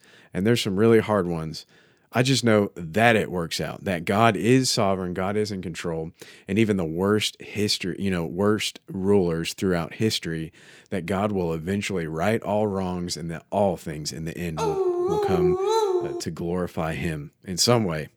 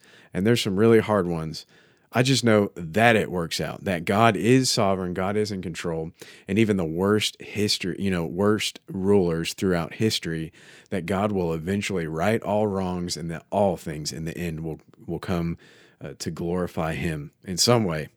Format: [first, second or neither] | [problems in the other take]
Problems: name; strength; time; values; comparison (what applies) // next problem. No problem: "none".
second | dog barking; loud; from 15 to 16 s; peak 2 dB above the speech